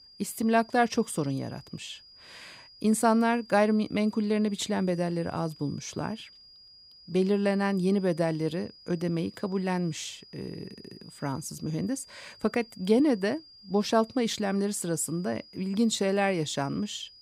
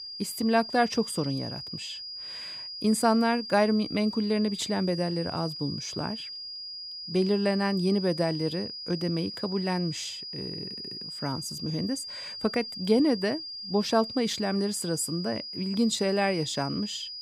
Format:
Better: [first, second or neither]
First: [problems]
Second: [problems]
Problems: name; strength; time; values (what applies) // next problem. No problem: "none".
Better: first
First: high-pitched whine; faint; throughout; 5 kHz, 20 dB below the speech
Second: high-pitched whine; loud; throughout; 5 kHz, 8 dB below the speech